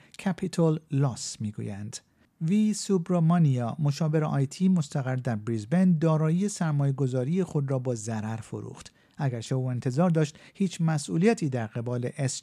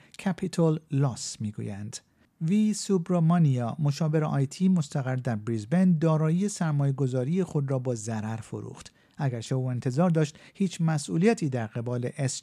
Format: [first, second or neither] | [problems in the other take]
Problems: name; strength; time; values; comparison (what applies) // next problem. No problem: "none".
neither | none